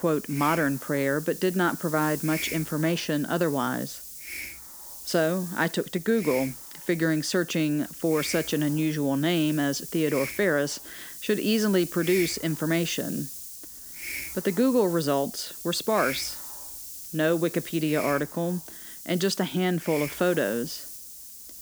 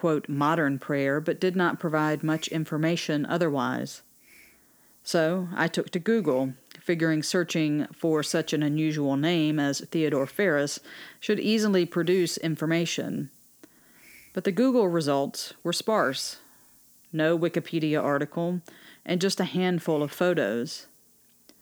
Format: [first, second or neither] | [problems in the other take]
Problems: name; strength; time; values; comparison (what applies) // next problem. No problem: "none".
second | hiss; loud; throughout; 10 dB below the speech; faint in the second